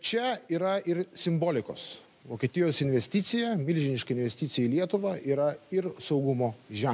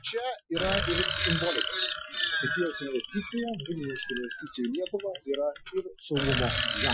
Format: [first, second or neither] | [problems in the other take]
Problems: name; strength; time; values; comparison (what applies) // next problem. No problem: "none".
first | noise reduction (classical method Wiener filter)